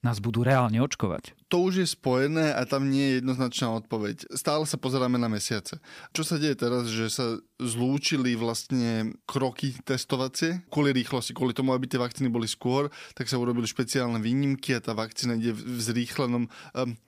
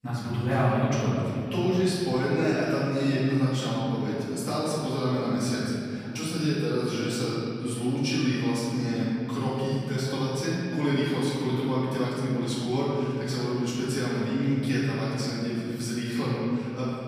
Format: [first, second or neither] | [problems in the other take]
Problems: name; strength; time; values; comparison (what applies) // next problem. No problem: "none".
first | room echo; strong; dies away in 2.8 s // off-mic speech; far